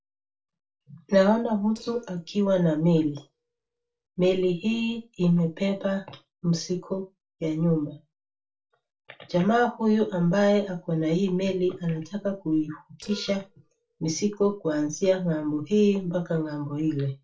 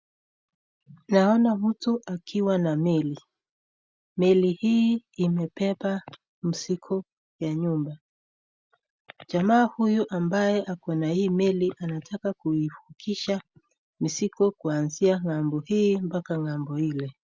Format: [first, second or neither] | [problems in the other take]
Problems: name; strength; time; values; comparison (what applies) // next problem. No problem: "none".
second | noise reduction (neural separator model SepFormer DNS4)